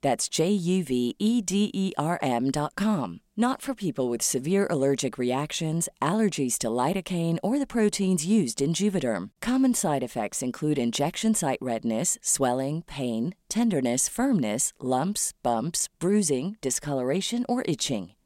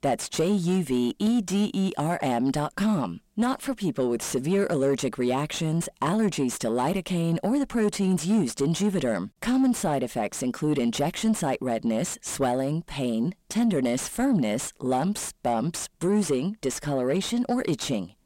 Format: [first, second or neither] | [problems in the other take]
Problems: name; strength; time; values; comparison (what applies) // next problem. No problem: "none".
first | distortion; slight; 10 dB below the speech